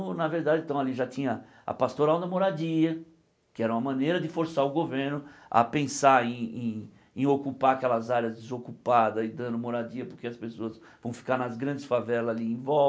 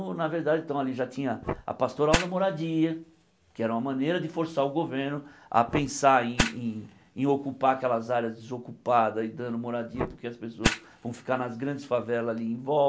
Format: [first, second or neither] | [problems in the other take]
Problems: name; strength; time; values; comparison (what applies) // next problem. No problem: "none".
first | background sound (Fire); 9 dB below the speech